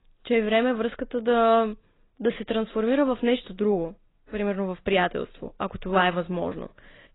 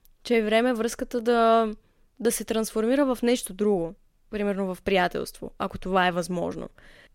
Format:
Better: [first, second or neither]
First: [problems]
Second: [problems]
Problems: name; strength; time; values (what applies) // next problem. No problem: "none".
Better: second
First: garbled, watery; badly; nothing above 4 kHz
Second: none